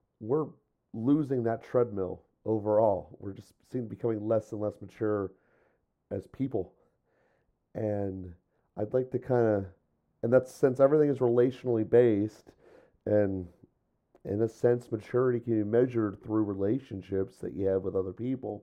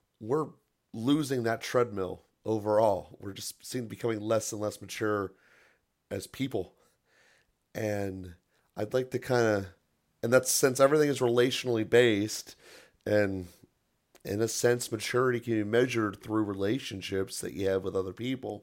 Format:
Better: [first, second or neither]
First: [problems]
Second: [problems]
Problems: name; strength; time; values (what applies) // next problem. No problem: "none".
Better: second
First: muffled; very; fading above 1.5 kHz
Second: none